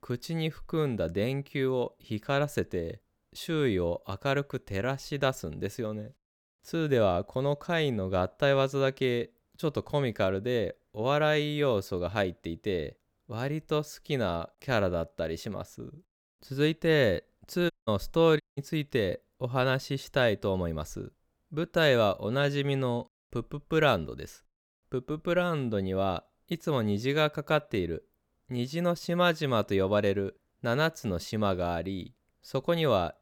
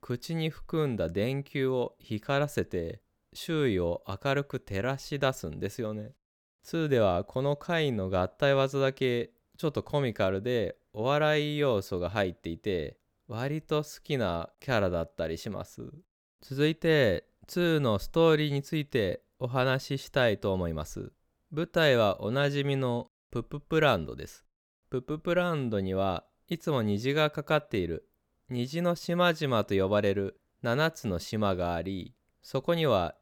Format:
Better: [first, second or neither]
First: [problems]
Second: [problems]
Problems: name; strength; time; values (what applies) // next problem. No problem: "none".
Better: second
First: audio cutting out; at 18 s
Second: none